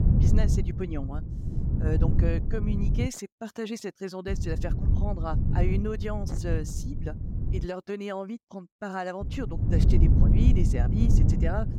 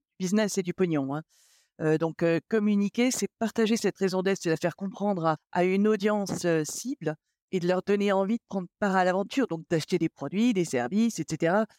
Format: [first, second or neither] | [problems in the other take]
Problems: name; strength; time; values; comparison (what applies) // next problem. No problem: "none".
second | wind noise on the microphone; heavy; until 3 s, from 4.5 to 7.5 s and from 9 s on; 3 dB below the speech